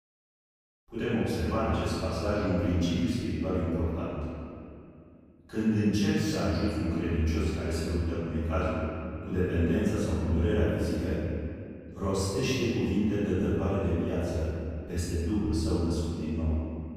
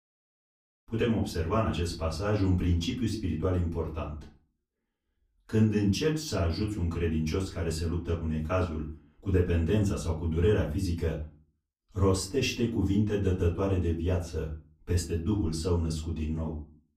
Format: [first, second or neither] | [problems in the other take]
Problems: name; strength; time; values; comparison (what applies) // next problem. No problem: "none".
second | room echo; strong; dies away in 2.5 s; slight in the second // off-mic speech; far; far in the second